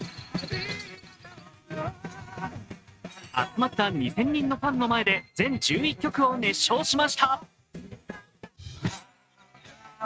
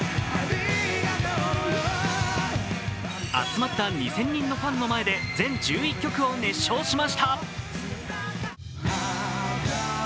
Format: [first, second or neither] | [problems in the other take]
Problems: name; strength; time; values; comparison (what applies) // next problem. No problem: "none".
second | noise reduction (neural mask model RNNoise)